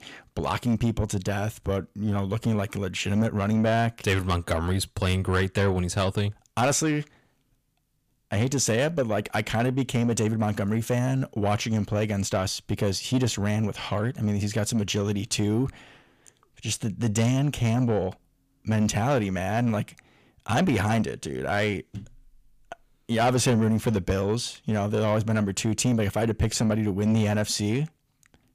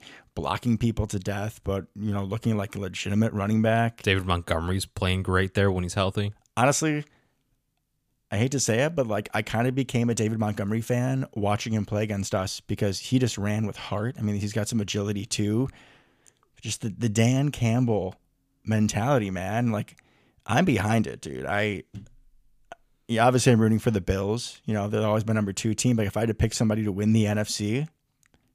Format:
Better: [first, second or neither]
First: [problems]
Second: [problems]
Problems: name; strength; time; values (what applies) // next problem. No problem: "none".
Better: second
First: distortion; slight; 10 dB below the speech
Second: none